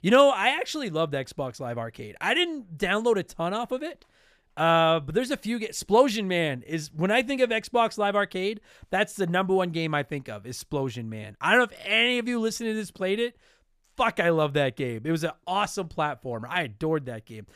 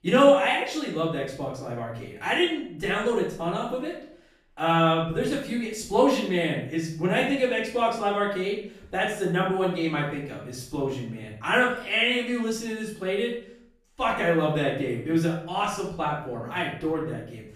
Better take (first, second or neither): first